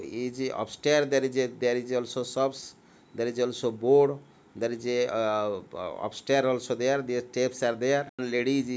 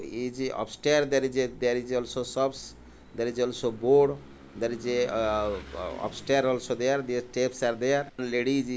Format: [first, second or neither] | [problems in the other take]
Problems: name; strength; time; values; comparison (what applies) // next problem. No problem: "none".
first | background sound (Engine / Vehicle); 20 dB below the speech